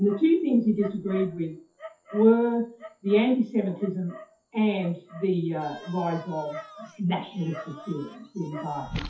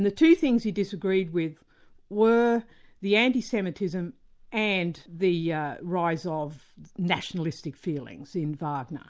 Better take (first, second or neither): second